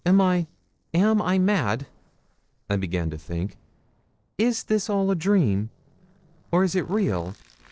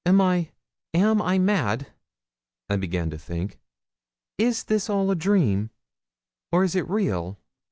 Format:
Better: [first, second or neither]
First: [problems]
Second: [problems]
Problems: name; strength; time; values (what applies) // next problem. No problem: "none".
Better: second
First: noise reduction (neural separator model SepFormer DNS4)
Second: none